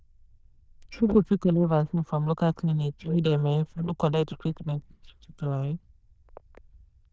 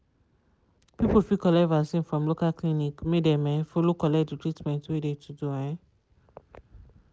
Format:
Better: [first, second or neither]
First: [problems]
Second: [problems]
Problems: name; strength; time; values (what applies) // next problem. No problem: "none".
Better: second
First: noise reduction (neural diffusion model UNIVERSE++)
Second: none